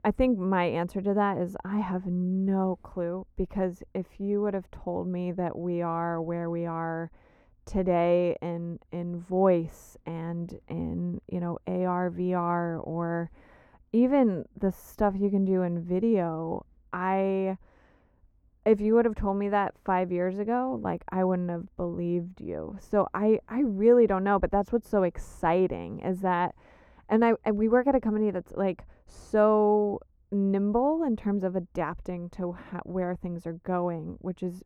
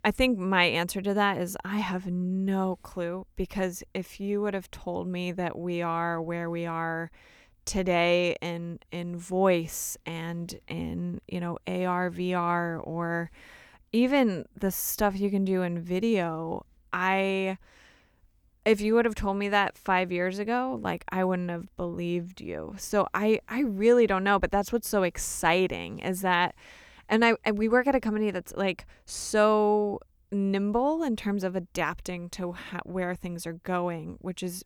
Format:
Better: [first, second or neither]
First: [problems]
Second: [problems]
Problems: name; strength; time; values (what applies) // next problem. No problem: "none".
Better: second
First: muffled; very; fading above 2 kHz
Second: none